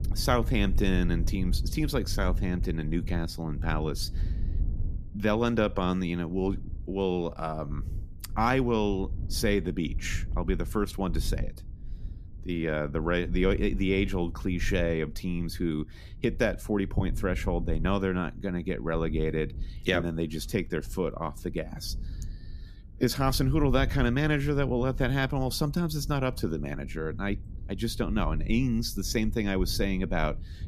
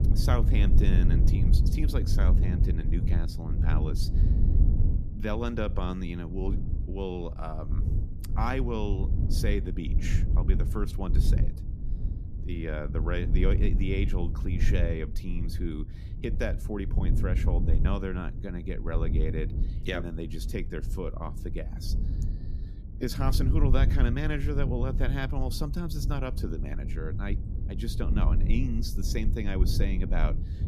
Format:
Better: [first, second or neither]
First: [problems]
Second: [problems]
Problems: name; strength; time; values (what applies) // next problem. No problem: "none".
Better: first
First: low rumble; faint; throughout; 20 dB below the speech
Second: low rumble; loud; throughout; 7 dB below the speech